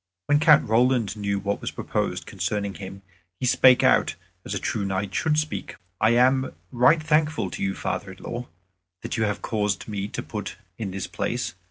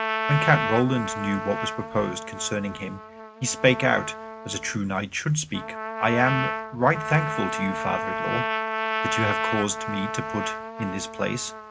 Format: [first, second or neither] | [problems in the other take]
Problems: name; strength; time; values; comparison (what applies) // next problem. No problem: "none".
first | background sound (Trumpet); 4 dB below the speech